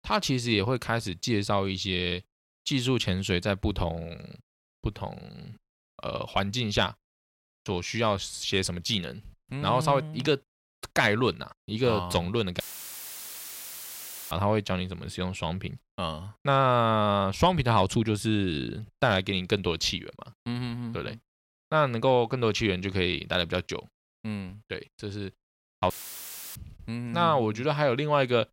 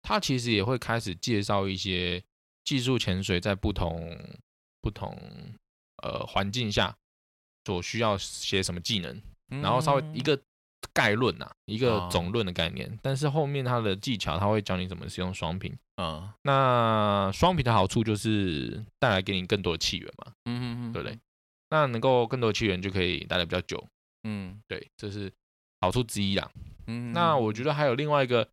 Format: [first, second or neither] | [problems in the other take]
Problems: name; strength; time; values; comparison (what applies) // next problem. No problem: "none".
second | audio cutting out; filled with static; at 13 s for 1.5 s and at 26 s for 0.5 s